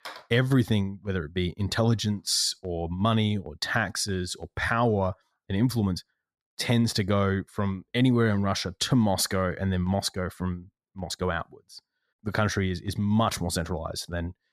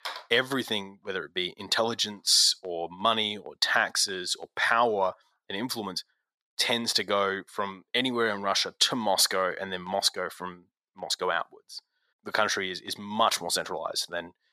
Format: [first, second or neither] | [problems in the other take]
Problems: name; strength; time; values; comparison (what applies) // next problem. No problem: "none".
first | thin; very; fading below 450 Hz